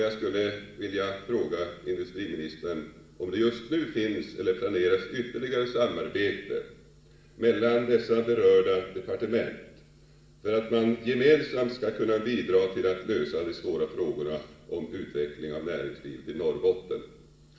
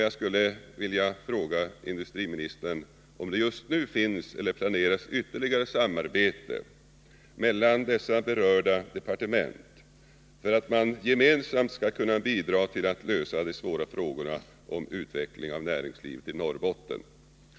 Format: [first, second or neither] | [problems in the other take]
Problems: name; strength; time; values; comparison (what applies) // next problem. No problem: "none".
second | room echo; dies away in 0.8 s